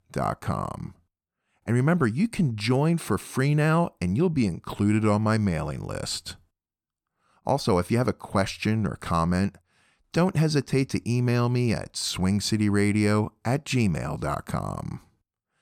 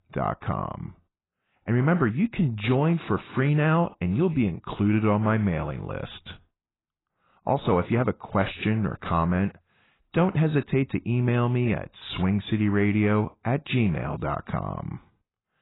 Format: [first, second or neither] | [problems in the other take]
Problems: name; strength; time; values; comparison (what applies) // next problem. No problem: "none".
first | garbled, watery; badly; nothing above 4 kHz